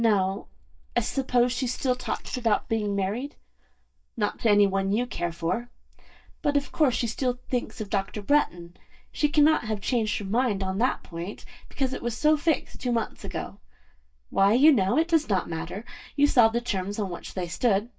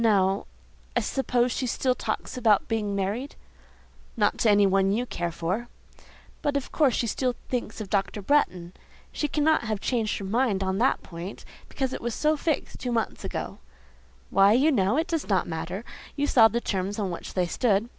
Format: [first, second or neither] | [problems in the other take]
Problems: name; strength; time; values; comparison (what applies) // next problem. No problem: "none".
second | noise reduction (neural mask model DeepFilterNet 3)